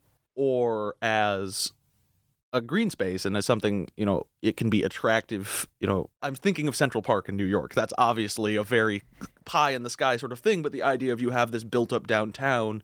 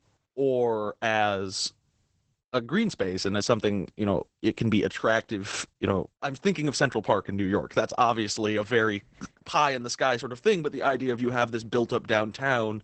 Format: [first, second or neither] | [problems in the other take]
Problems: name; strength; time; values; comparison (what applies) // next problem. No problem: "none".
first | garbled, watery; badly; nothing above 8 kHz; slightly in the first